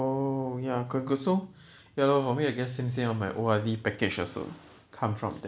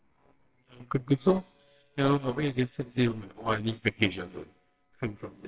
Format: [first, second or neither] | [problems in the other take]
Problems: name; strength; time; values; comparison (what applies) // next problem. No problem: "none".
first | noise reduction (neural separator model SepFormer WHAMR!)